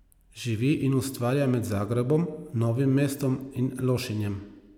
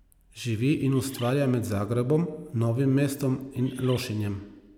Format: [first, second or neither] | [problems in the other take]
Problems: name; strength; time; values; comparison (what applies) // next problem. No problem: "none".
first | background sound (Bird); 20 dB below the speech